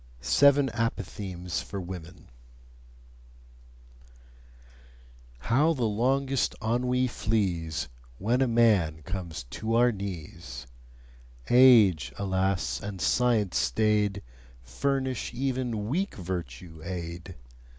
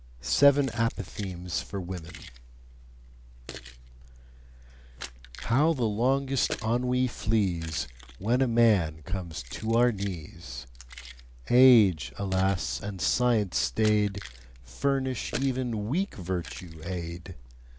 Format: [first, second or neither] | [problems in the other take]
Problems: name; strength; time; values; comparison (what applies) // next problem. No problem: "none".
first | background sound (Keys jangling); 19 dB below the speech